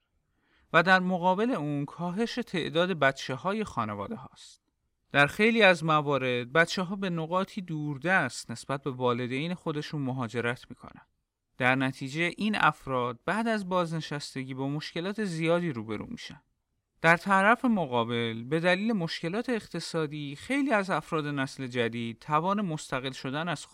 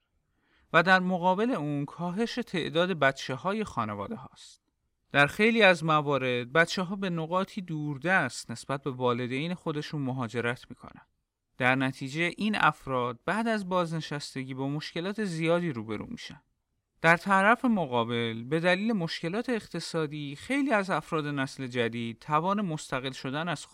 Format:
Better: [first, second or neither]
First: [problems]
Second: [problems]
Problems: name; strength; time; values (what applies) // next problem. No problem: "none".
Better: neither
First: none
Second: none